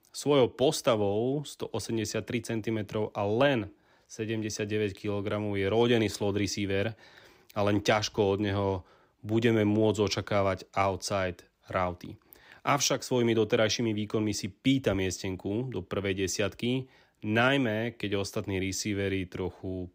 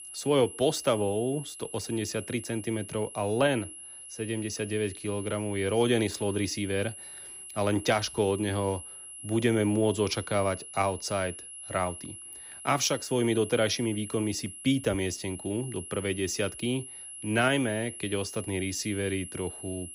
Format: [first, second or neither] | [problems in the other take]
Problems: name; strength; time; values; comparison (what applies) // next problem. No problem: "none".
first | high-pitched whine; noticeable; throughout; 11 kHz, 10 dB below the speech